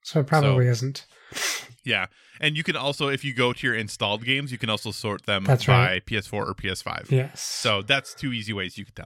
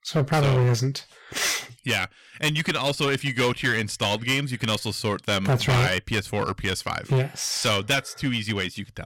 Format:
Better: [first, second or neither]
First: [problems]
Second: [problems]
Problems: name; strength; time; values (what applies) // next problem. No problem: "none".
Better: first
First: none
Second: distortion; heavy; 11% of the sound clipped